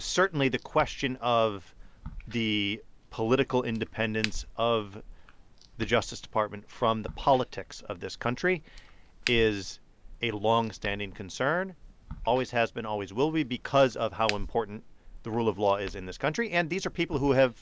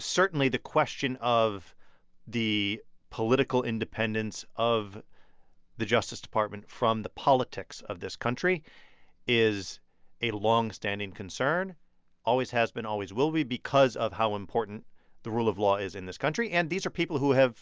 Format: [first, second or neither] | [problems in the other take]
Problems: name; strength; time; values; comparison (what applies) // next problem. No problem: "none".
second | background sound (Crack); 14 dB below the speech